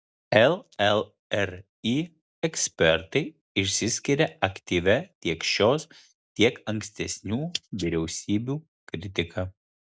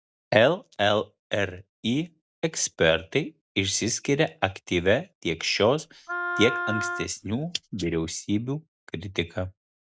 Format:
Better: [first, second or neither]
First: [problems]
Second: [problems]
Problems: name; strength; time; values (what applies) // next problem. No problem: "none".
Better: first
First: none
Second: background sound (Wind instrument, woodwind instrument); 6 dB below the speech